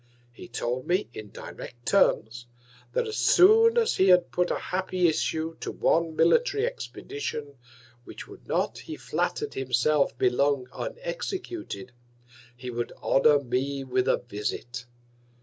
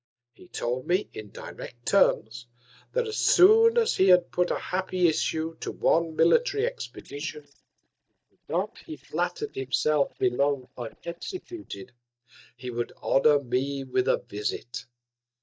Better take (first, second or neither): first